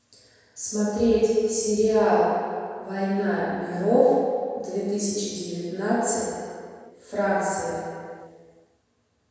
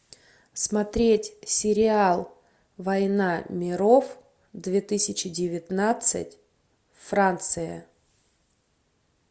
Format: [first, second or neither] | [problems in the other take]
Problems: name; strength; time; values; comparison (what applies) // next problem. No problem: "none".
second | room echo; dies away in 1.9 s